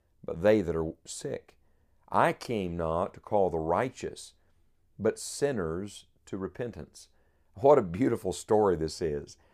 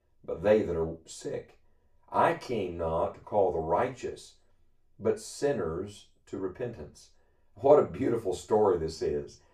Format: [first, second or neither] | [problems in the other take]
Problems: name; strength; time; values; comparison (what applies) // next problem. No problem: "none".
first | room echo; very slight; dies away in 0.3 s // off-mic speech; far